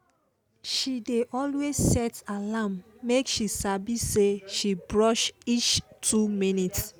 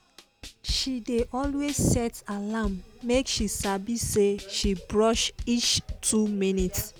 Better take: first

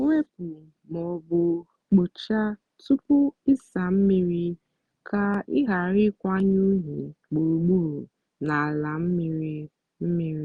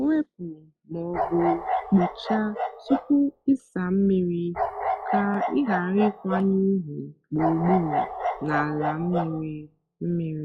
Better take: first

